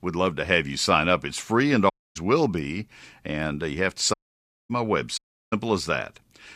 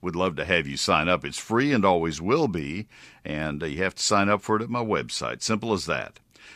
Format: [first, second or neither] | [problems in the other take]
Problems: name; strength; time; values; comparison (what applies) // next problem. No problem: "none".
second | audio cutting out; at 2 s, at 4 s for 0.5 s and at 5 s